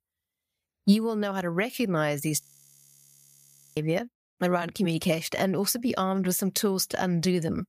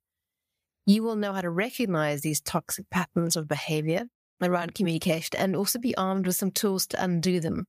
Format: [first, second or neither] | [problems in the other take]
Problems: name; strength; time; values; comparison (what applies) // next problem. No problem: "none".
second | audio freezing; at 2.5 s for 1.5 s